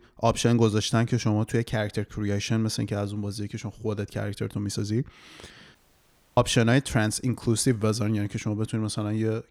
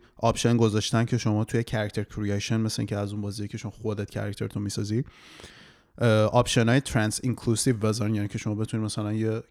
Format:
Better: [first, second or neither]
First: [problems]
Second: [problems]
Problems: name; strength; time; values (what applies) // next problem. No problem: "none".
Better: second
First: audio cutting out; at 6 s for 0.5 s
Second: none